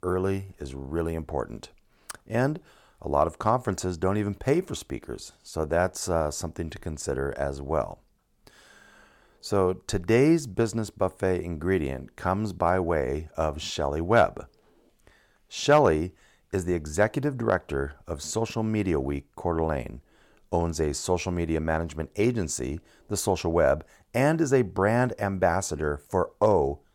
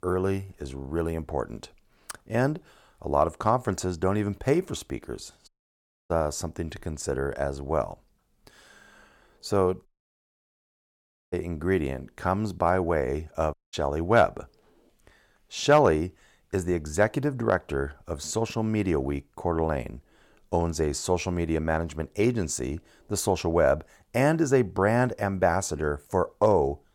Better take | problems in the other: first | audio cutting out; at 5.5 s for 0.5 s, at 10 s for 1.5 s and at 14 s

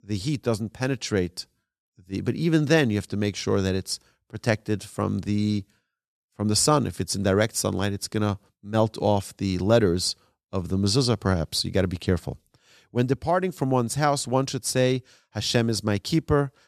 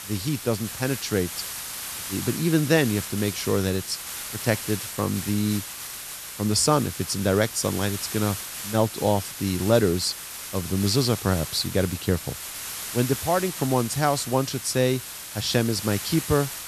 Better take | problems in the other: first | hiss; loud; throughout; 8 dB below the speech

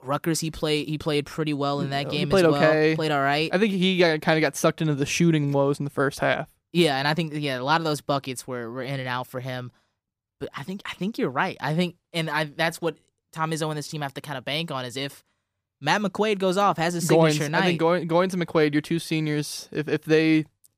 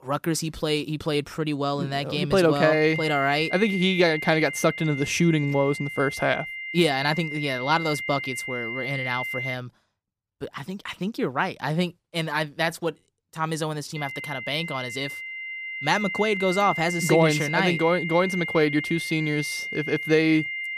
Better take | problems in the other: first | high-pitched whine; loud; from 2.5 to 9.5 s and from 14 s on; 2 kHz, 6 dB below the speech

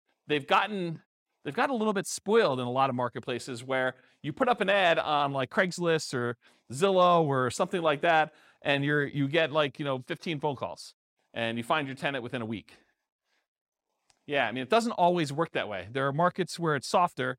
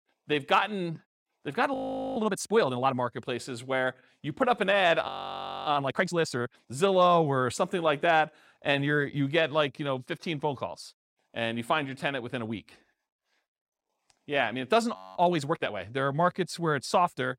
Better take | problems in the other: first | audio freezing; at 1.5 s, at 5 s for 0.5 s and at 15 s

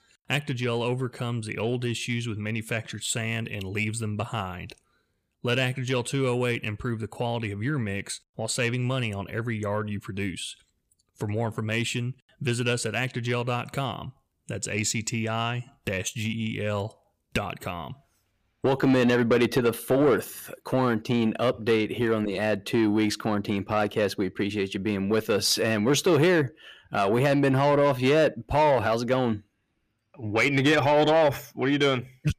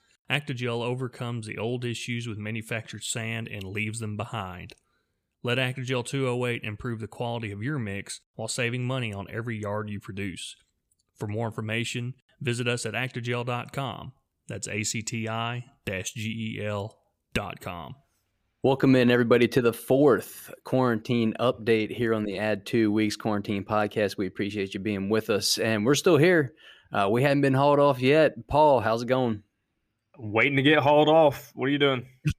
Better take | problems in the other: second | distortion; slight; 10 dB below the speech

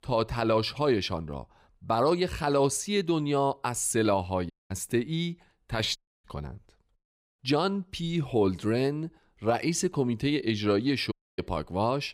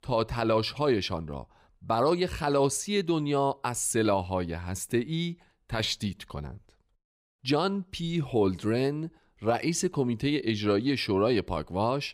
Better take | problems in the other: second | audio cutting out; at 4.5 s, at 6 s and at 11 s

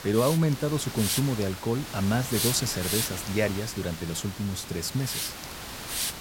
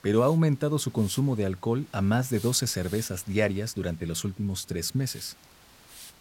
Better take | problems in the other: second | hiss; loud; throughout; 4 dB below the speech; faint in the second

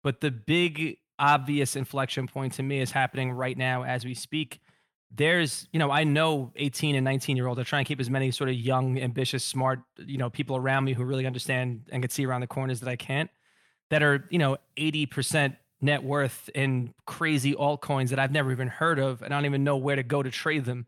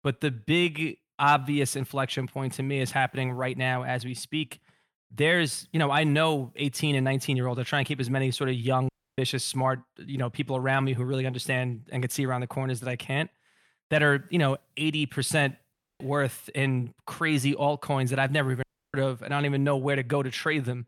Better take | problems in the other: first | audio cutting out; at 9 s, at 16 s and at 19 s

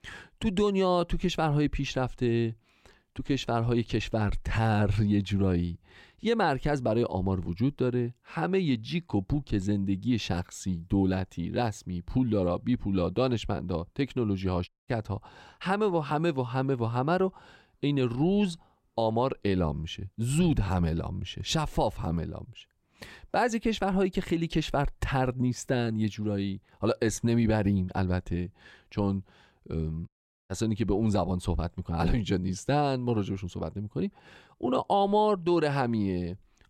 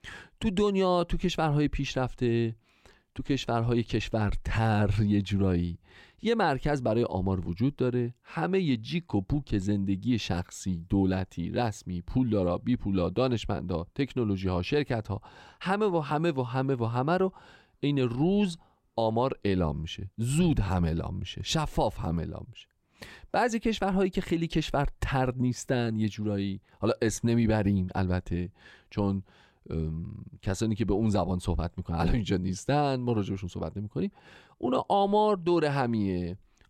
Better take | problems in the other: second | audio cutting out; at 15 s and at 30 s

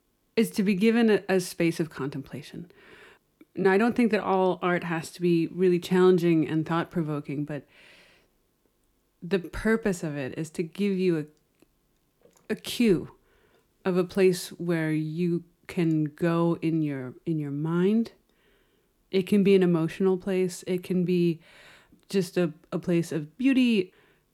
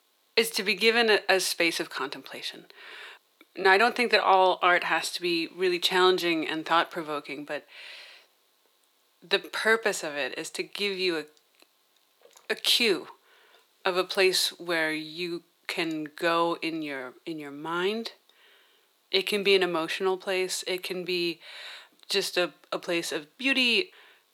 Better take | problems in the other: first | thin; very; fading below 700 Hz

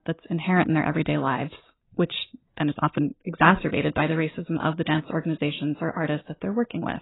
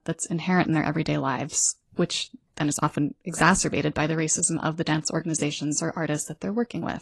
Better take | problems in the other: second | garbled, watery; badly; nothing above 4 kHz; slightly in the second

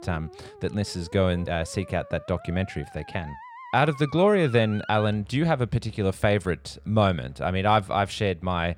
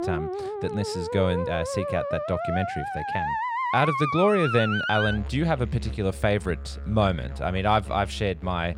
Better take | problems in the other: first | background music; loud; throughout; 4 dB below the speech; faint in the first

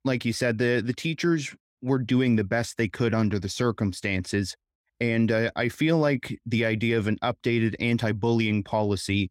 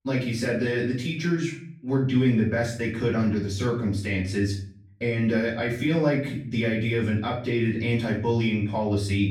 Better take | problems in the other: first | off-mic speech; far // room echo; noticeable; dies away in 0.5 s

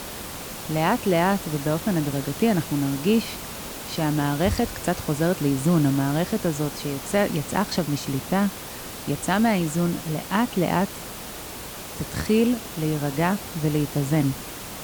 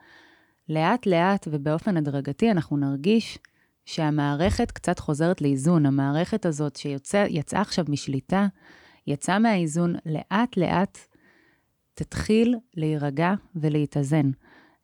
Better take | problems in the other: second | hiss; loud; throughout; 10 dB below the speech

